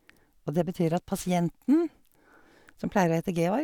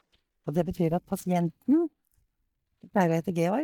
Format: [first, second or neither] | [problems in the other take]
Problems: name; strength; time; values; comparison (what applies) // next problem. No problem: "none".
first | noise reduction (neural mask model DeepFilterNet 3)